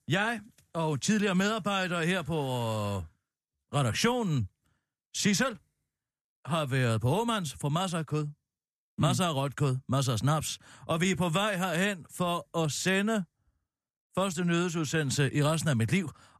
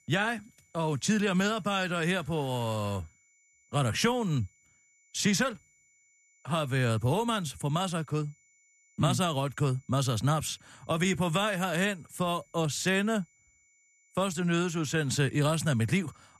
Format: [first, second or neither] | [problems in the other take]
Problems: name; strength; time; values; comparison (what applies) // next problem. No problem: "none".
first | high-pitched whine; faint; throughout; 2 kHz, 35 dB below the speech